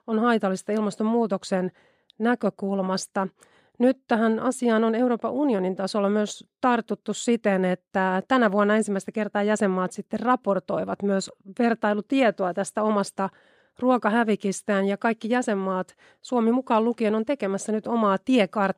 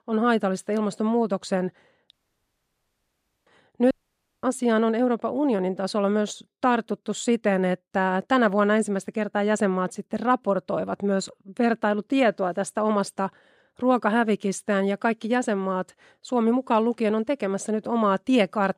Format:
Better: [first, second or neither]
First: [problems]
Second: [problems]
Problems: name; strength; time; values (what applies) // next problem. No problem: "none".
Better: first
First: none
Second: audio cutting out; at 2 s for 1.5 s and at 4 s for 0.5 s